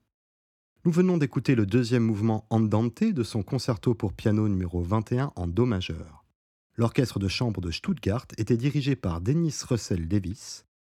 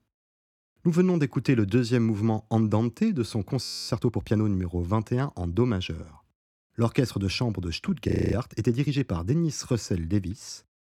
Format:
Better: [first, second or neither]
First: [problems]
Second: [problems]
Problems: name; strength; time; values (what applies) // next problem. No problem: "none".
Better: first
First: none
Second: audio freezing; at 3.5 s and at 8 s